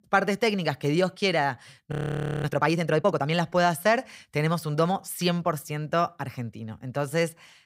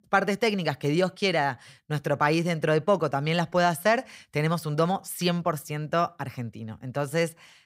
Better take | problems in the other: second | audio freezing; at 2 s for 0.5 s

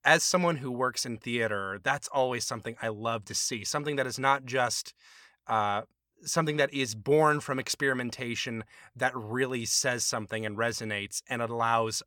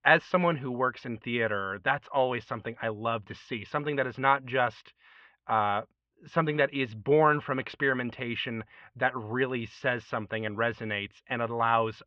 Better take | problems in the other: first | muffled; very; fading above 3 kHz

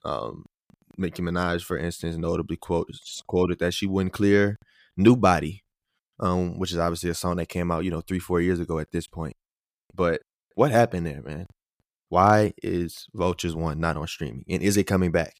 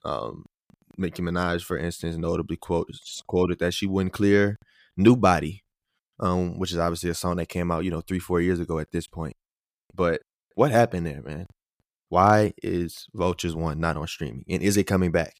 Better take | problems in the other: neither | none

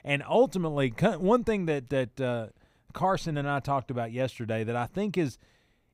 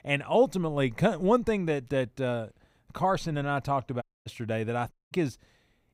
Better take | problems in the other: first | audio cutting out; at 4 s and at 5 s

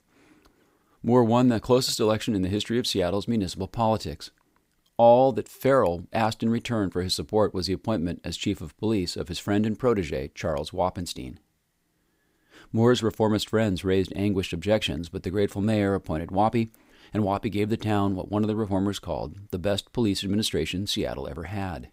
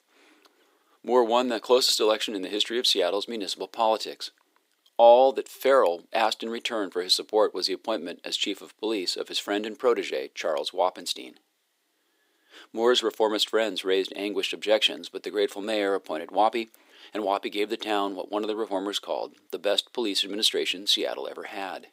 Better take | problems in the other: first | thin; somewhat; fading below 350 Hz

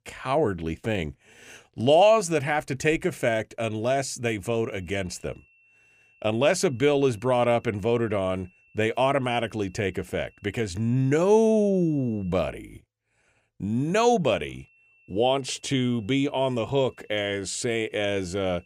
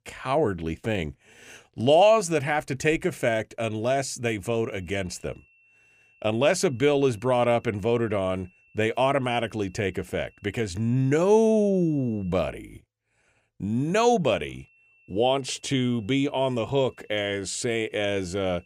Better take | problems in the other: neither | high-pitched whine; faint; from 4.5 to 13 s and from 14 s on; 2.5 kHz, 35 dB below the speech; the same in both

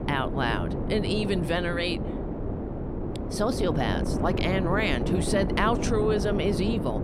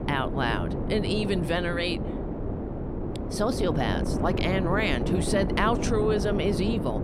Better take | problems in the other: neither | wind noise on the microphone; heavy; 6 dB below the speech; the same in both

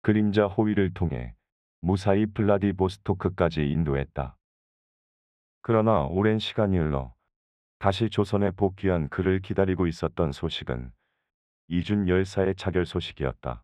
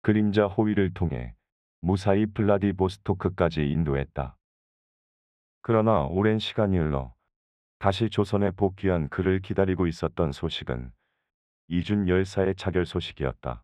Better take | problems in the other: neither | muffled; slightly; fading above 3 kHz; the same in both

